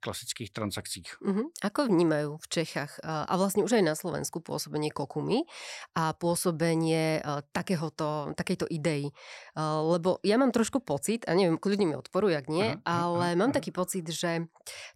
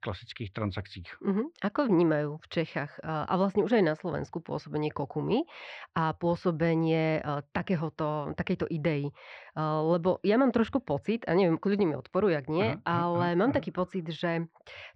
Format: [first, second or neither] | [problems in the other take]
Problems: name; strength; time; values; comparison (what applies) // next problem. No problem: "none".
first | muffled; slightly; fading above 3.5 kHz